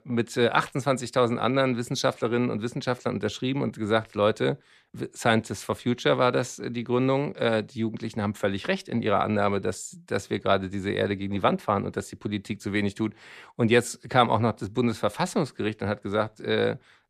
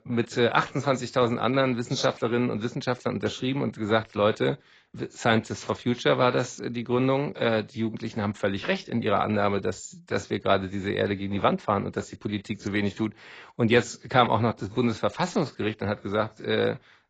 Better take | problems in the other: first | garbled, watery; badly; nothing above 7.5 kHz

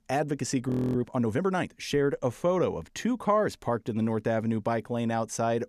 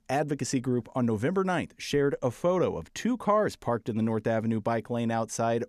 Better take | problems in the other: second | audio freezing; at 0.5 s

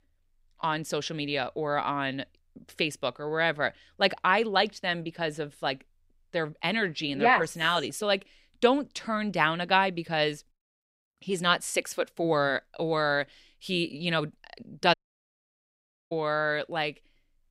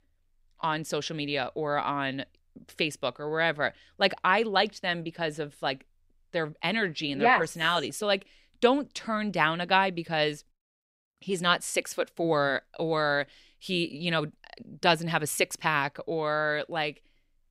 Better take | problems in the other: second | audio cutting out; at 15 s for 1 s

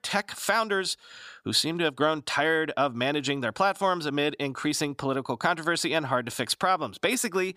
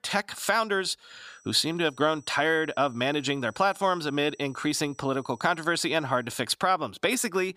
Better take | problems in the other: first | high-pitched whine; faint; from 1.5 to 6.5 s; 6 kHz, 30 dB below the speech

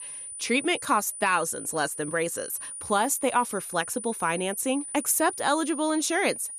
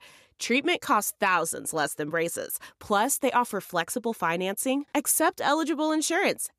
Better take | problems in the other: second | high-pitched whine; loud; throughout; 9.5 kHz, 9 dB below the speech

